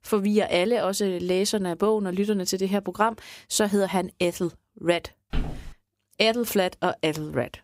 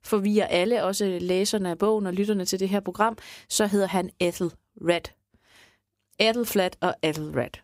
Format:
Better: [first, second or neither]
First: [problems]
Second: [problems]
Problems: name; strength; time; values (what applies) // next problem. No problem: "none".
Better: second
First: footsteps; noticeable; at 5.5 s; peak 9 dB below the speech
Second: none